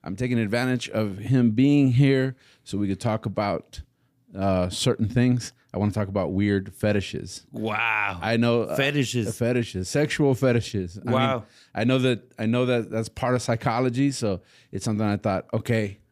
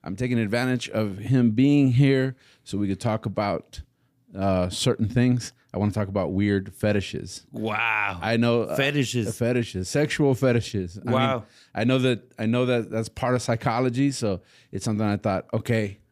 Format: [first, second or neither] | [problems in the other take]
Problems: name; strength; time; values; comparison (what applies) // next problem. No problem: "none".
neither | none